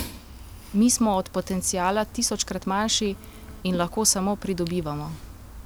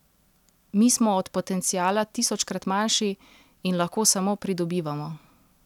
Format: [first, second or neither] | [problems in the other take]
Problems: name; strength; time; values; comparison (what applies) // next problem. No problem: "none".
second | background sound (Fire); 15 dB below the speech